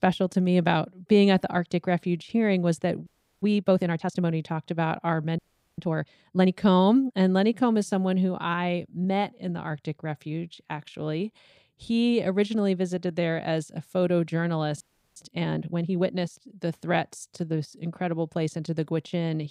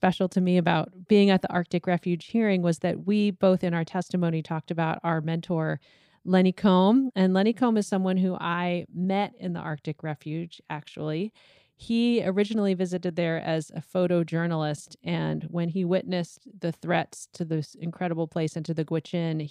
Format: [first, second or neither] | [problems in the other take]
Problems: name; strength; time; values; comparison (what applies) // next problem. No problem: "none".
second | audio freezing; at 3 s, at 5.5 s and at 15 s